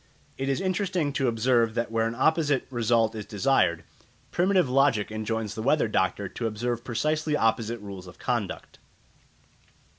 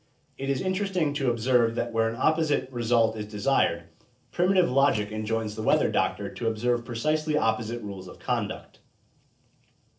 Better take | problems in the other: first | noise reduction (neural separator model SepFormer DNS4)

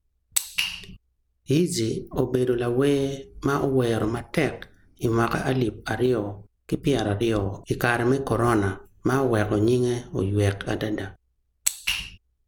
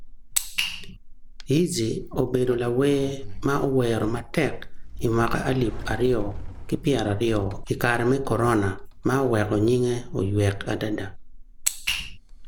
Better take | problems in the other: first | background sound (Sliding door); 9 dB below the speech

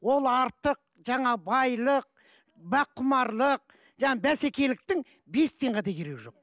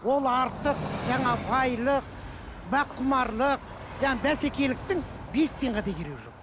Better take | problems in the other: first | background sound (Train); 9 dB below the speech

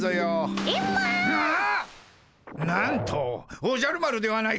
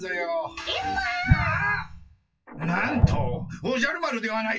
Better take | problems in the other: first | noise reduction (classical method WPE with log-MMSE)

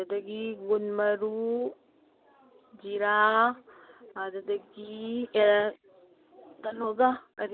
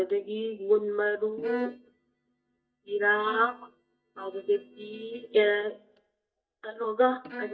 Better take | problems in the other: first | noise reduction (neural mask model DeepFilterNet 3)

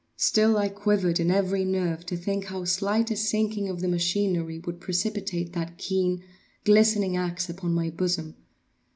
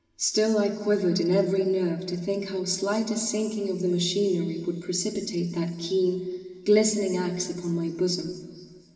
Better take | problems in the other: first | room echo; dies away in 2 s

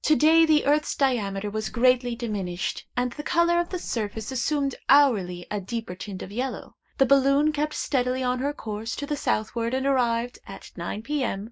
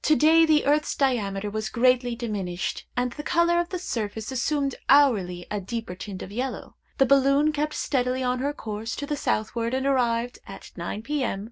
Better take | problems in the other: second | noise reduction (neural mask model Resemble Enhance denoiser)

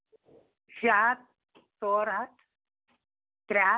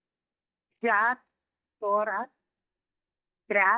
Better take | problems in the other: first | noise reduction (neural mask model DeepFilterNet 3)

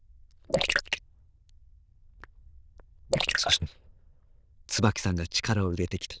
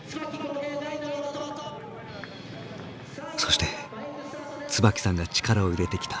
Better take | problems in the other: second | noise reduction (neural diffusion model UNIVERSE++)

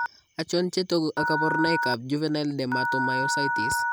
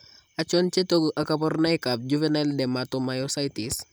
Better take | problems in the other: second | background sound (Telephone); 1 dB below the speech

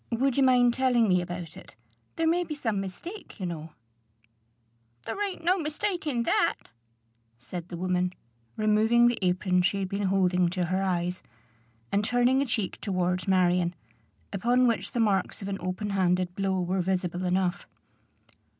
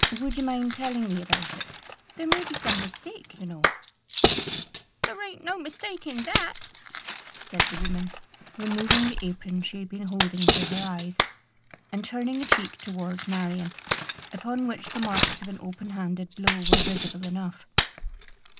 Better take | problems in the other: first | background sound (Clapping + Cutlery, silverware); 2 dB above the speech

